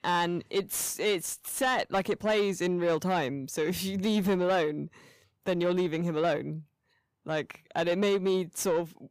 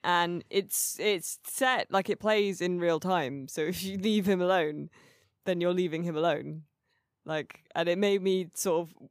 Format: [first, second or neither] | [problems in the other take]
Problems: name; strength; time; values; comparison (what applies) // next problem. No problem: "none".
second | distortion; slight; 10 dB below the speech